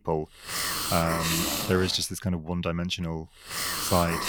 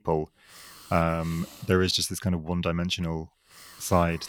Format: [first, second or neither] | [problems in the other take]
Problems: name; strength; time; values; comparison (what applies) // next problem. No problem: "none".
second | hiss; loud; throughout; as loud as the speech; faint in the second